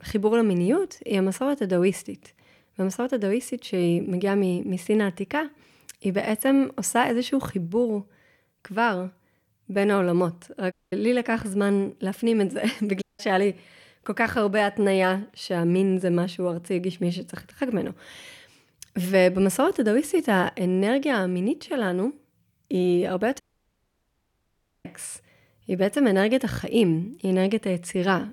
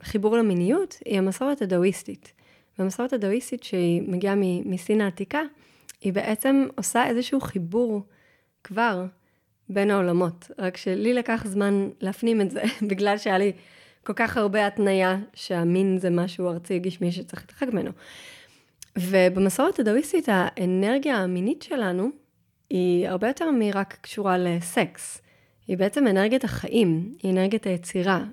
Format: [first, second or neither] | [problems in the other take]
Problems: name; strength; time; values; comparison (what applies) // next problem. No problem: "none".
second | audio cutting out; at 11 s, at 13 s and at 23 s for 1.5 s